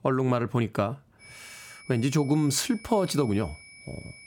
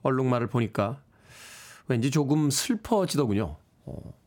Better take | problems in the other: second | high-pitched whine; faint; from 1 s on; 2.5 kHz, 20 dB below the speech

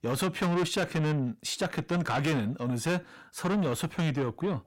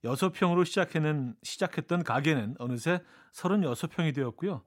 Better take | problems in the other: second | distortion; heavy; 8 dB below the speech

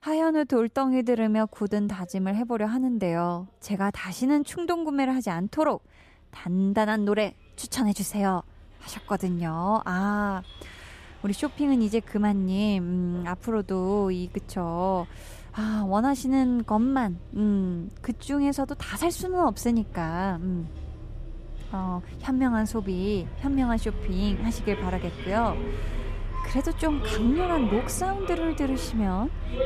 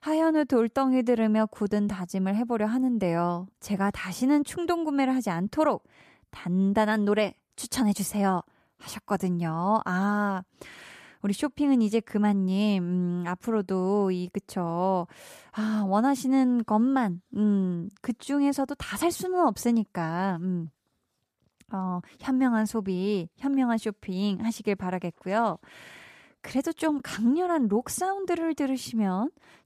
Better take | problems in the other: second | traffic noise; noticeable; throughout; 10 dB below the speech

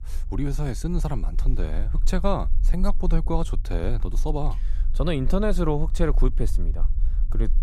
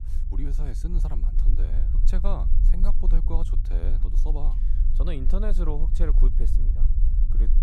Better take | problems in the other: first | low rumble; loud; throughout; 8 dB below the speech; faint in the first

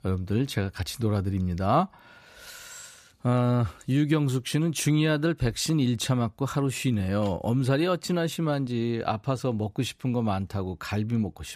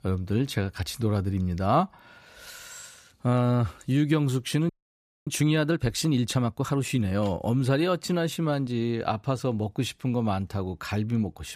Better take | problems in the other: first | audio freezing; at 4.5 s for 0.5 s

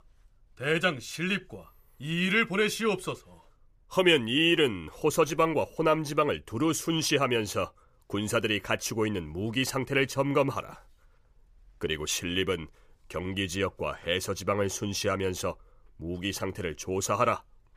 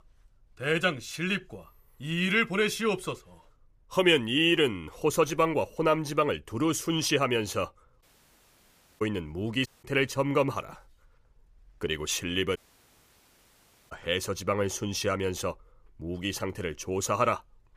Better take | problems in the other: first | audio cutting out; at 8 s for 1 s, at 9.5 s and at 13 s for 1.5 s

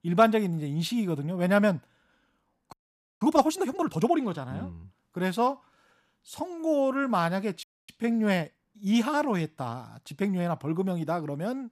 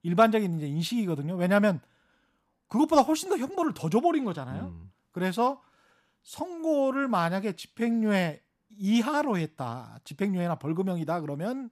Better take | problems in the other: second | audio freezing; at 2.5 s and at 7.5 s

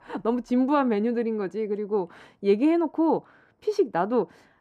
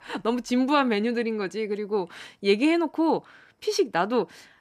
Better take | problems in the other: second | muffled; slightly; fading above 1.5 kHz

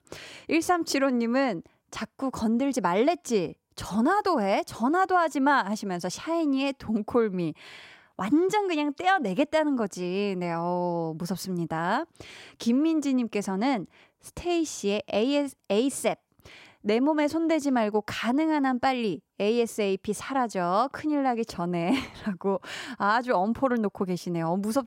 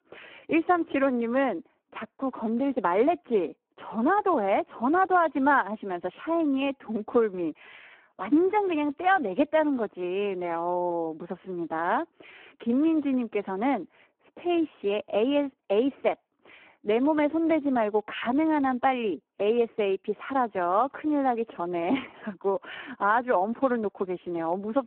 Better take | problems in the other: first | phone-call audio; poor line

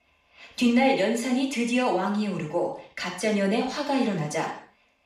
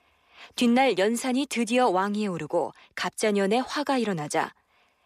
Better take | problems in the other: second | room echo; noticeable; dies away in 0.5 s // off-mic speech; far

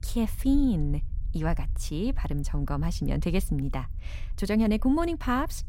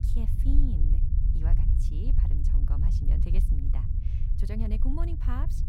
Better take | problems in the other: first | low rumble; loud; throughout; 1 dB below the speech; faint in the first

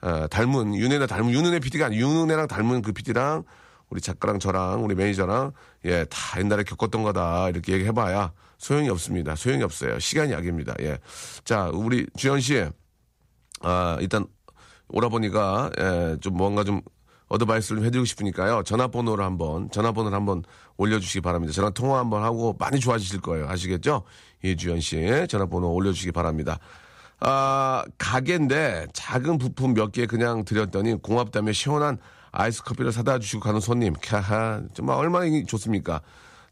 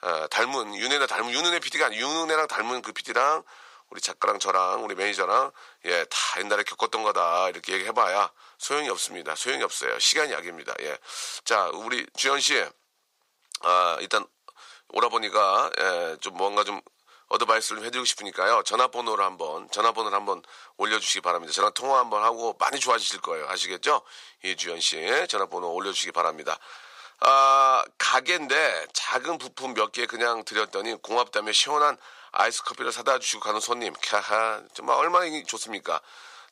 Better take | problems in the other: first | thin; very; fading below 500 Hz

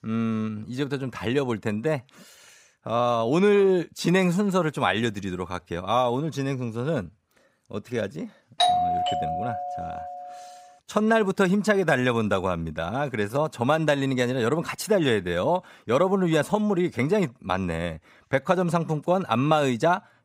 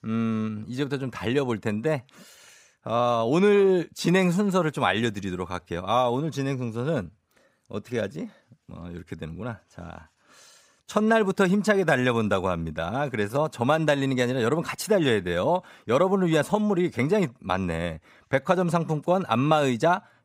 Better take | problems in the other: second | doorbell; loud; from 8.5 to 10 s; peak 3 dB above the speech

